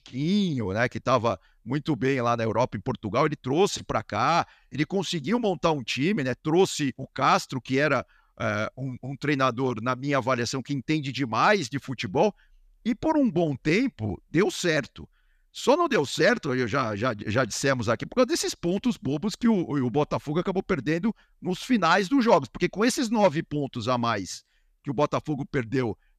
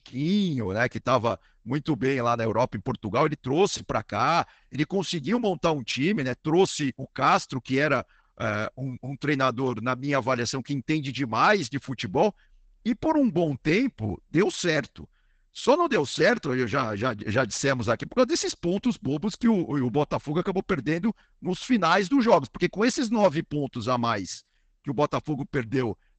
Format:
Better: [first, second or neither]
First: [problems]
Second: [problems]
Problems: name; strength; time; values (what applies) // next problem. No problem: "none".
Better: first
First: none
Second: garbled, watery; badly; nothing above 8 kHz